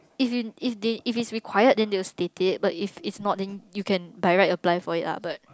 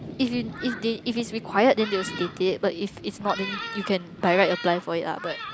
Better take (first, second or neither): first